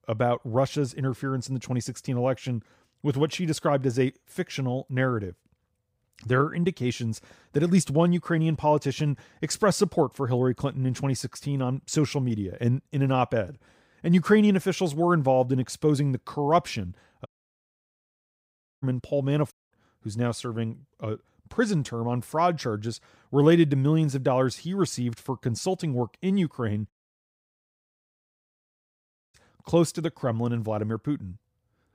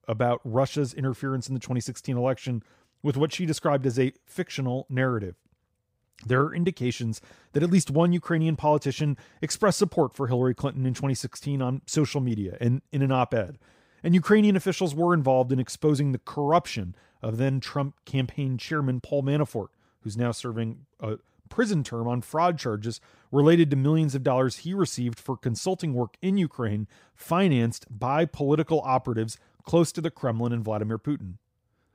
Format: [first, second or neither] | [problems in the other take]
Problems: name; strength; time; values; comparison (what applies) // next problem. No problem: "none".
second | audio cutting out; at 17 s for 1.5 s, at 20 s and at 27 s for 2.5 s